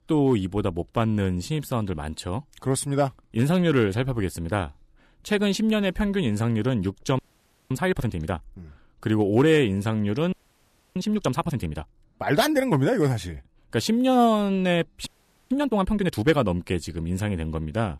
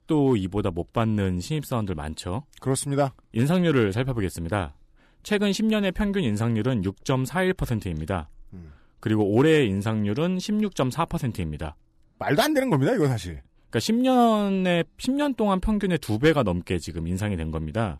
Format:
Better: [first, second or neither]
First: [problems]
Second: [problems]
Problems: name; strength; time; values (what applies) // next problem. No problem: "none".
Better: second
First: audio freezing; at 7 s for 0.5 s, at 10 s for 0.5 s and at 15 s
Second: none